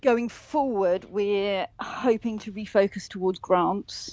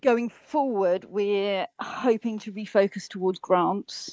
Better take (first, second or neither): first